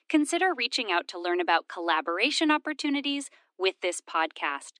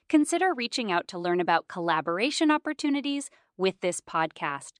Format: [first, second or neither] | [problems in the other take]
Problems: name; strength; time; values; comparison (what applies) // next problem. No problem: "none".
second | thin; very slightly; fading below 250 Hz